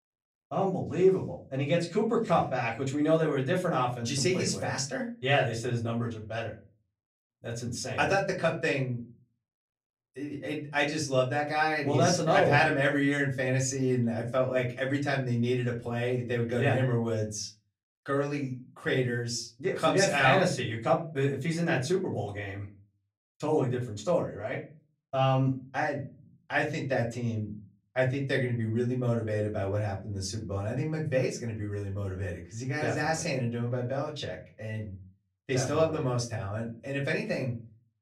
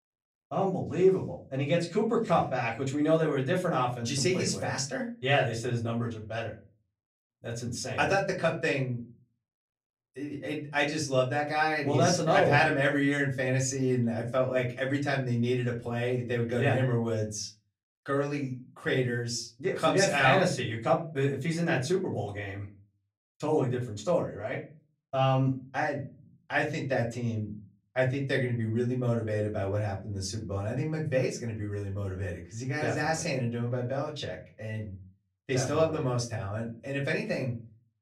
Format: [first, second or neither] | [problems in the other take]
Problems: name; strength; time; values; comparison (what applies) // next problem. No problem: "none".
neither | off-mic speech; far; the same in both // room echo; very slight; dies away in 0.3 s; the same in both